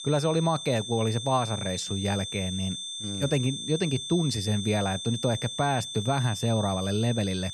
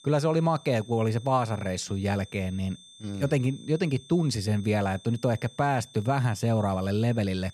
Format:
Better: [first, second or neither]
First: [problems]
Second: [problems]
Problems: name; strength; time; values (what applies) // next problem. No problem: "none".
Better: second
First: high-pitched whine; loud; throughout; 3.5 kHz, 6 dB below the speech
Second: high-pitched whine; faint; throughout; 3.5 kHz, 20 dB below the speech